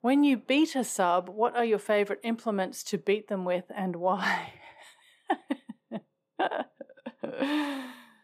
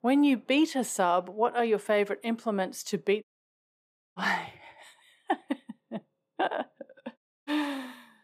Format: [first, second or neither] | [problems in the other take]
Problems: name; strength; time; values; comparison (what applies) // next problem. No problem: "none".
first | audio cutting out; at 3 s for 1 s and at 7 s